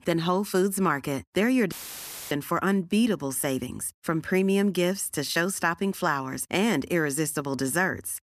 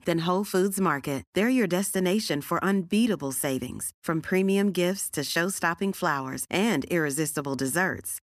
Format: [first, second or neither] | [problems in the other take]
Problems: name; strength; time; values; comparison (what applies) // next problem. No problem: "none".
second | audio cutting out; filled with static; at 1.5 s for 0.5 s